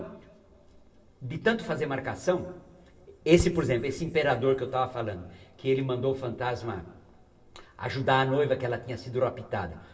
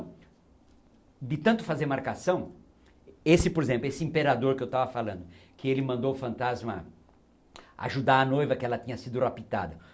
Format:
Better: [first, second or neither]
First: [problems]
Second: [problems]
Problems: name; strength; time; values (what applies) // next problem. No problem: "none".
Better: second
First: room echo; dies away in 2.9 s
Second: none